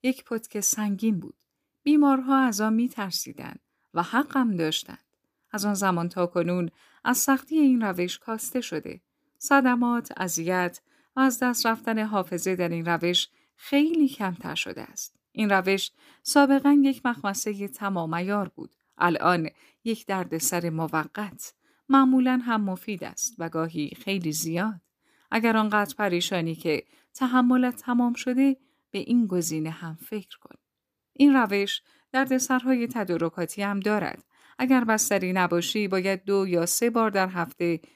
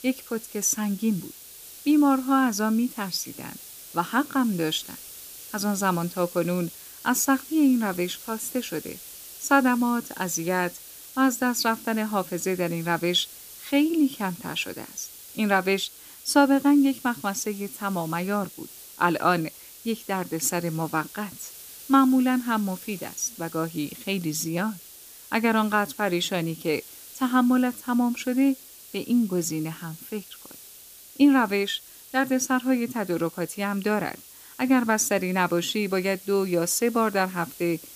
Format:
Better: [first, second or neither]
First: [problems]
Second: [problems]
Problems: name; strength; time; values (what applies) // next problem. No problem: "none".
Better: first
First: none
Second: hiss; noticeable; throughout; 15 dB below the speech